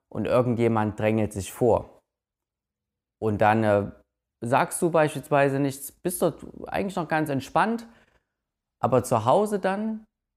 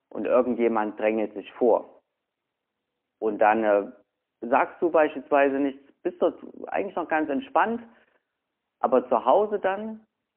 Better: first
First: none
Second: phone-call audio; poor line

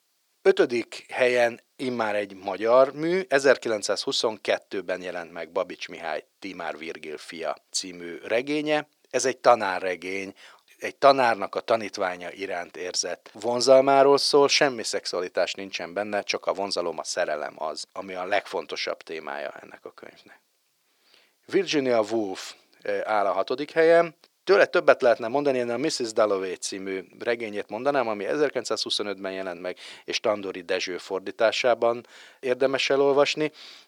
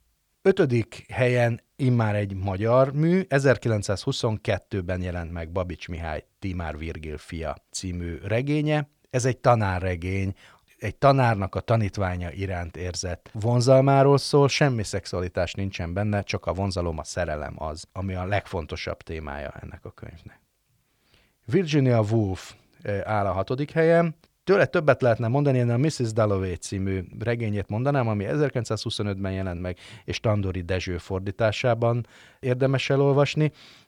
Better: second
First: thin; somewhat; fading below 350 Hz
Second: none

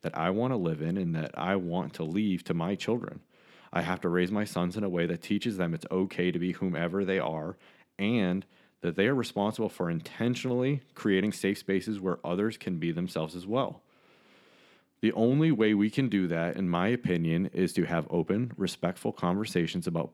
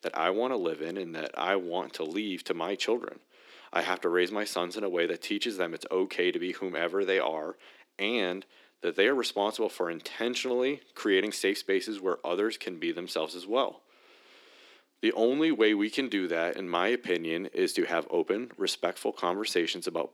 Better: first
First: none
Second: thin; somewhat; fading below 350 Hz

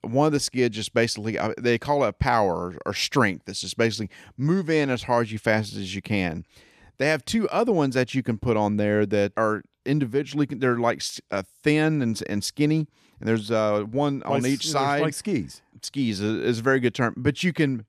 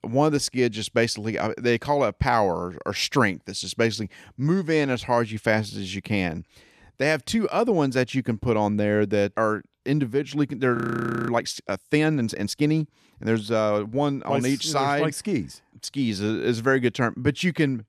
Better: first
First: none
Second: audio freezing; at 11 s for 0.5 s

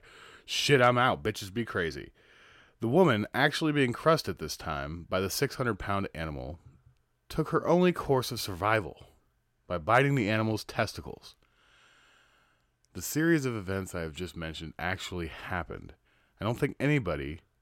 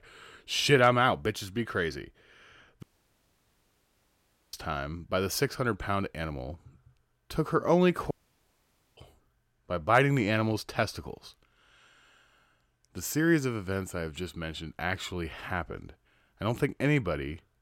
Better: first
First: none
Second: audio cutting out; at 3 s for 1.5 s and at 8 s for 1 s

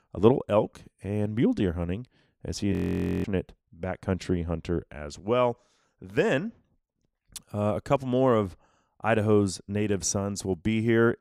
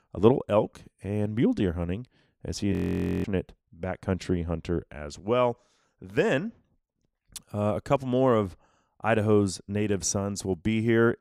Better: neither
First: audio freezing; at 2.5 s for 0.5 s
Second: audio freezing; at 2.5 s for 0.5 s

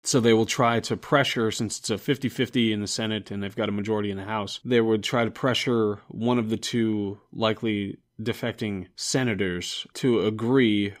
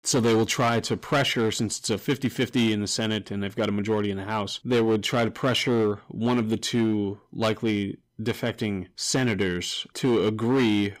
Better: first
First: none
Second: distortion; slight; 7% of the sound clipped

